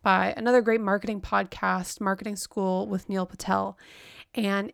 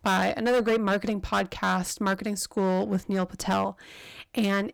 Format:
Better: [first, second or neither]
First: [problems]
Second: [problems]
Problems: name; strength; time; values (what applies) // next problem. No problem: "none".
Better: first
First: none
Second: distortion; heavy; 9% of the sound clipped